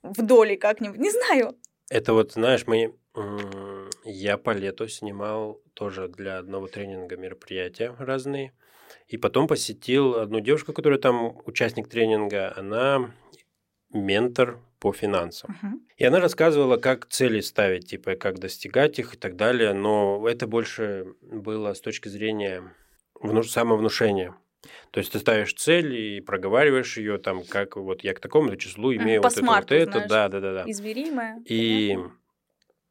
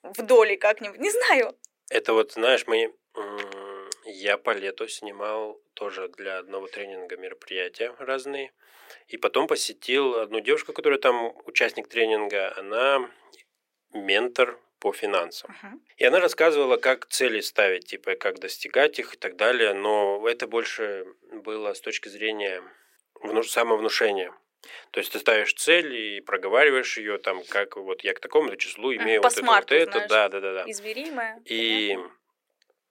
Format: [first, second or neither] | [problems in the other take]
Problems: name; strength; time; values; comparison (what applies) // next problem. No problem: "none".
first | thin; somewhat; fading below 400 Hz